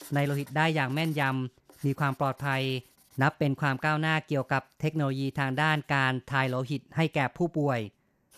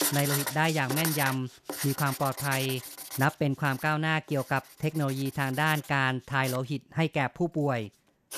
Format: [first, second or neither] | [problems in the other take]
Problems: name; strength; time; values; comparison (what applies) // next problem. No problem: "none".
first | household noises; loud; throughout; 6 dB below the speech; faint in the first